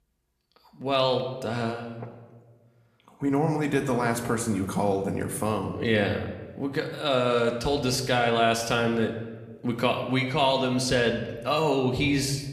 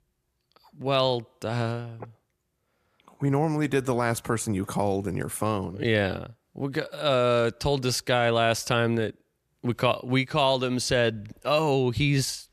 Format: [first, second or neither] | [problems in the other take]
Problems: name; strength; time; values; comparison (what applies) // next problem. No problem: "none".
second | room echo; slight; dies away in 0.9 s